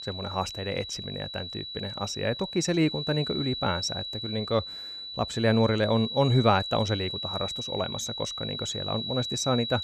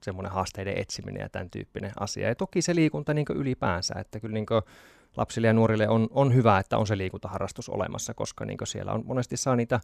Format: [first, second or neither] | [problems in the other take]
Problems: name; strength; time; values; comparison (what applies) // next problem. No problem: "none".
second | high-pitched whine; loud; throughout; 4 kHz, 5 dB below the speech